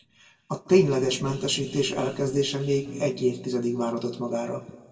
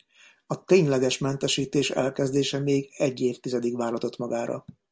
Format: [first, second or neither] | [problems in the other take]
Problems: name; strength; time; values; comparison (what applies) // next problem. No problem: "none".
second | background sound (Electric guitar / Strum); 16 dB below the speech // room echo; dies away in 1.8 s